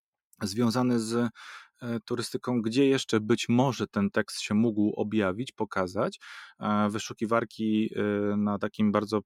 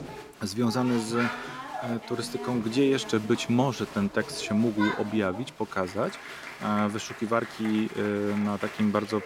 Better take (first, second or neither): first